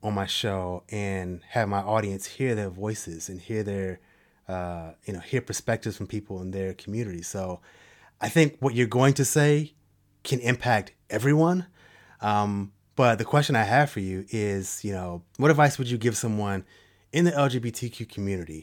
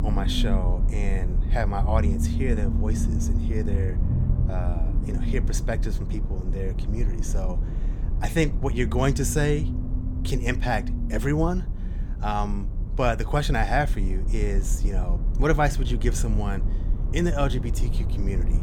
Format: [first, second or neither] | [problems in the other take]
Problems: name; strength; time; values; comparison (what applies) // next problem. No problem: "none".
first | low rumble; noticeable; throughout; 10 dB below the speech